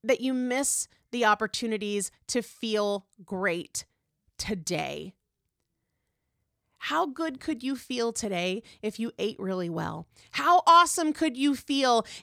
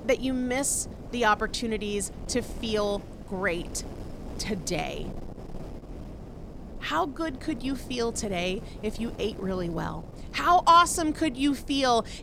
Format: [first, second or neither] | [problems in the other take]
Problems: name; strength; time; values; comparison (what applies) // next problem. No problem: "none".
first | wind noise on the microphone; occasional gusts; 20 dB below the speech